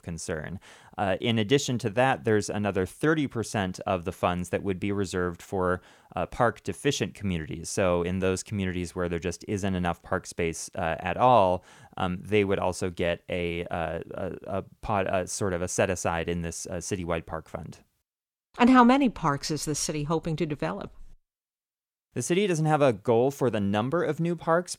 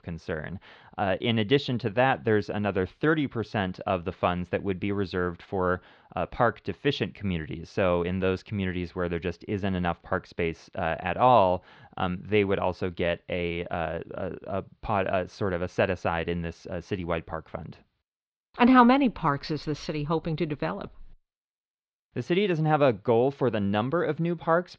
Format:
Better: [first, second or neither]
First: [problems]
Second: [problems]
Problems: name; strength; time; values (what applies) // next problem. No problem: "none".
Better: first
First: none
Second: muffled; slightly; fading above 4.5 kHz